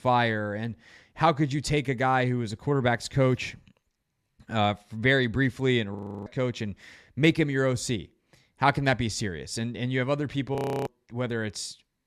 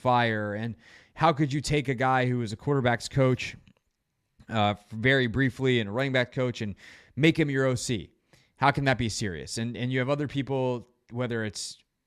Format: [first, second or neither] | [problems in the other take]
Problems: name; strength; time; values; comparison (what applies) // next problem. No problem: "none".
second | audio freezing; at 6 s and at 11 s